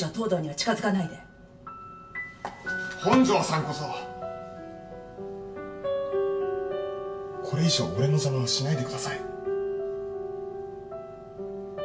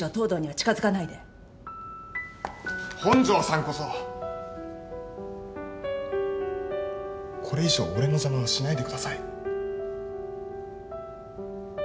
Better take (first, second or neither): second